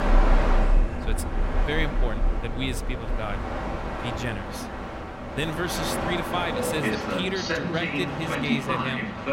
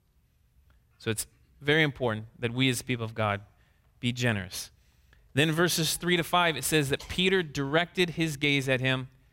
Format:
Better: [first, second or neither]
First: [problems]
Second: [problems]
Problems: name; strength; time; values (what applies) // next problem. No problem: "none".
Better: second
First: train or aircraft noise; very loud; throughout; 3 dB above the speech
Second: none